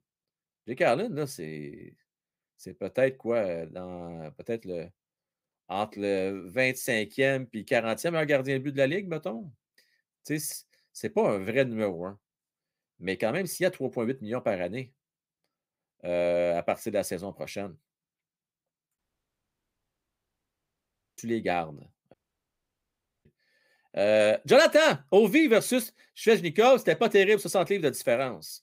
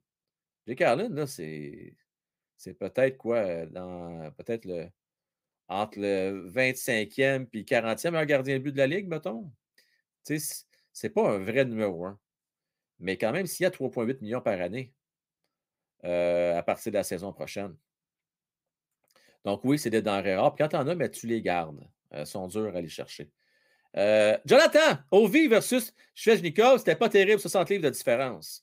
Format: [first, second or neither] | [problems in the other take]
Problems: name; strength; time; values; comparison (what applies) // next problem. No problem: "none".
second | audio cutting out; at 19 s for 2 s and at 22 s for 1 s